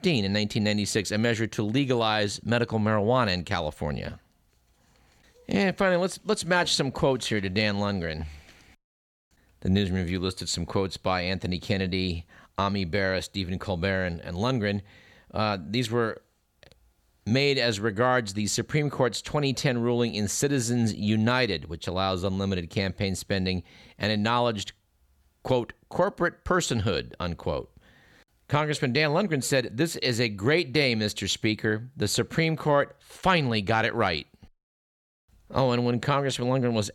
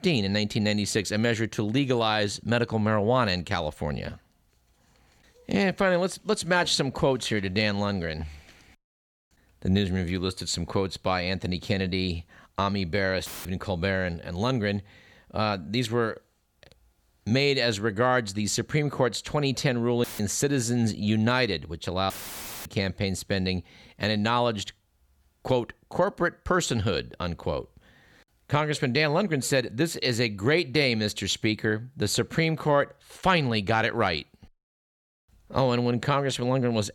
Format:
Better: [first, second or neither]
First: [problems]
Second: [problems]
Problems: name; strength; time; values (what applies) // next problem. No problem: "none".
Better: first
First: none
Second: audio cutting out; filled with static; at 13 s, at 20 s and at 22 s for 0.5 s